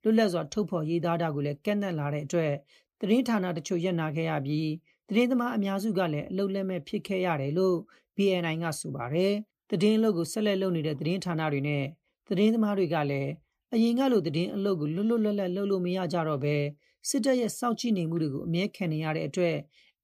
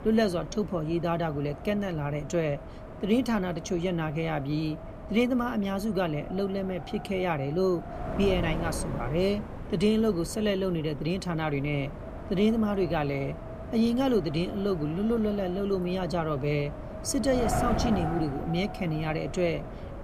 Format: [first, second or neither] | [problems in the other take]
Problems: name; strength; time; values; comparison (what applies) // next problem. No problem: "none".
first | wind noise on the microphone; heavy; 9 dB below the speech